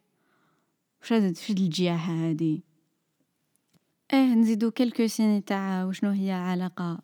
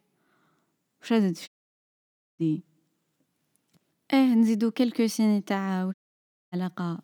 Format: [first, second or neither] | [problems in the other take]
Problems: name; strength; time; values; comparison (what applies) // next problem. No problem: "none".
first | audio cutting out; at 1.5 s for 1 s and at 6 s for 0.5 s